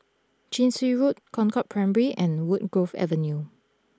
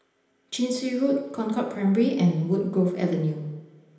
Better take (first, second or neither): first